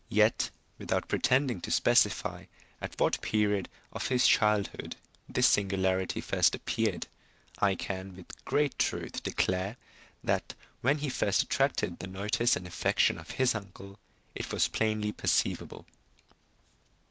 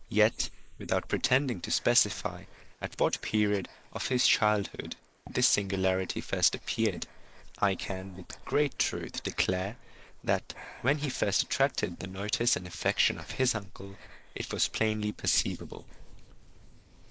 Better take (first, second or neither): first